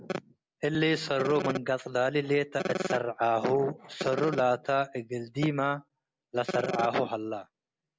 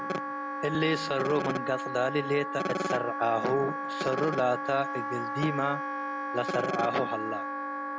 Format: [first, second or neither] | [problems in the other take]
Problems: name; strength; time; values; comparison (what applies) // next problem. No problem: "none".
first | background sound (Wind instrument, woodwind instrument); 4 dB below the speech